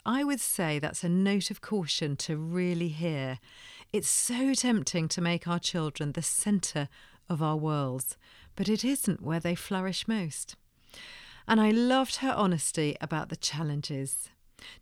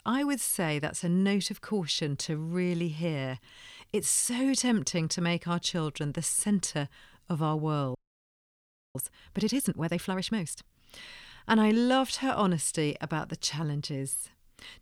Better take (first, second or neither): first